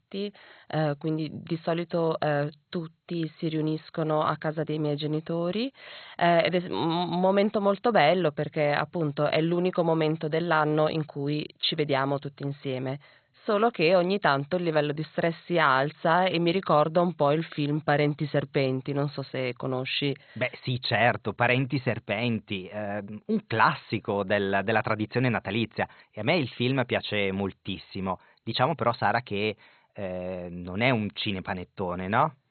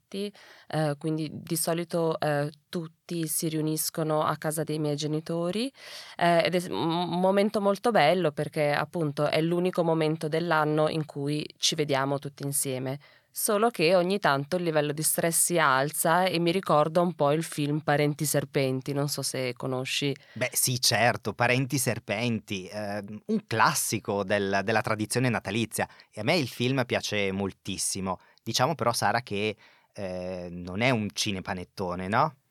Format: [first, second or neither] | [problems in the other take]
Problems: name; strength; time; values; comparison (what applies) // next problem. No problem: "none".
second | garbled, watery; badly; nothing above 4 kHz